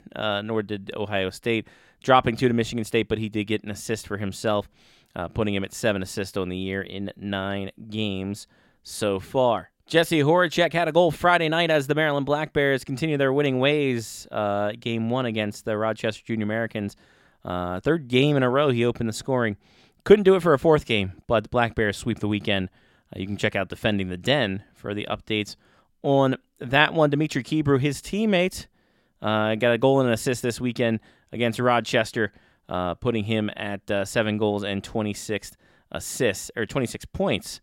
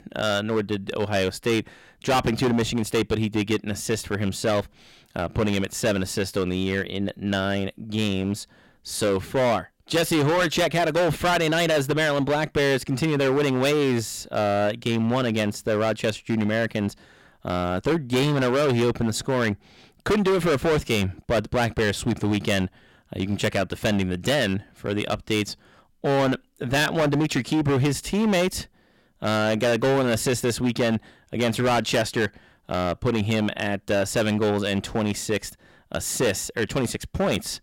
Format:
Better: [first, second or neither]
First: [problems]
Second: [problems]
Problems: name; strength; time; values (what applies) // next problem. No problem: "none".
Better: first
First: none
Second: distortion; heavy; 14% of the sound clipped